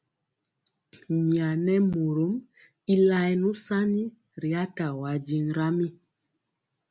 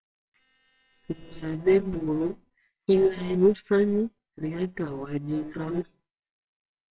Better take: first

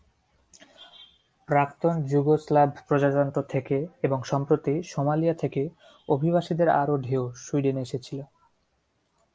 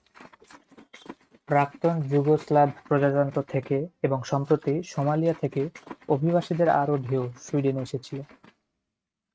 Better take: first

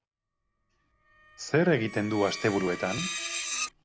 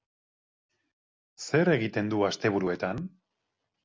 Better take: second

